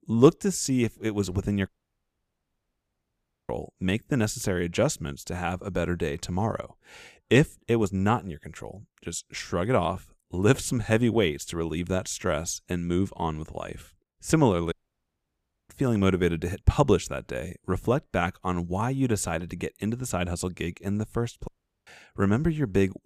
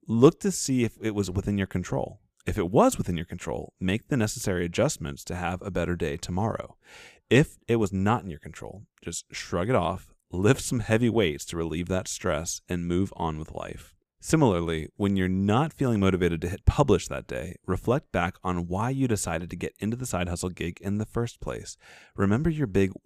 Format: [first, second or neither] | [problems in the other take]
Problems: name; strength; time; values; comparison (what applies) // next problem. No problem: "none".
second | audio cutting out; at 1.5 s for 2 s, at 15 s for 1 s and at 21 s